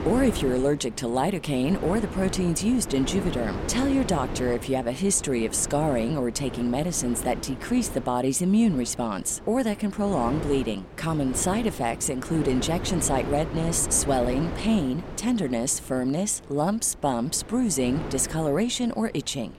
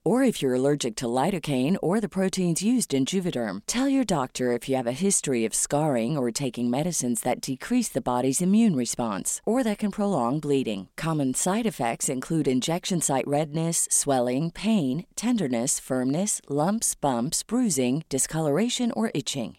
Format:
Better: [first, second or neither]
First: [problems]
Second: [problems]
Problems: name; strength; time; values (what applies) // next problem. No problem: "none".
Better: second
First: wind noise on the microphone; occasional gusts; 10 dB below the speech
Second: none